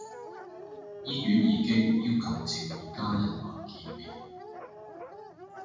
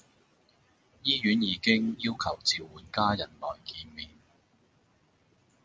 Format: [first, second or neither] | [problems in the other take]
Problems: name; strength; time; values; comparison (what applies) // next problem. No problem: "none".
second | background sound (Dog); 13 dB below the speech // room echo; dies away in 1.2 s